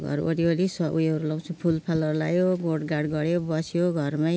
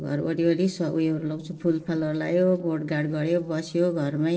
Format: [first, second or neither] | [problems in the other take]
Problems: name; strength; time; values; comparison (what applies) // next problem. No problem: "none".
first | noise reduction (neural separator model SepFormer DNS4)